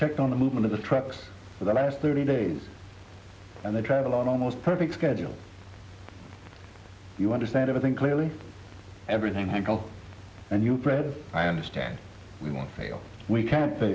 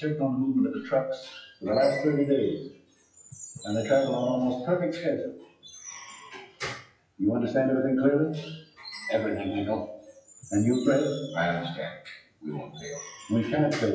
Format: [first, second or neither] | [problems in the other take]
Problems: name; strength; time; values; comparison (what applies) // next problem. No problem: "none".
first | noise reduction (classical method WPE with log-MMSE)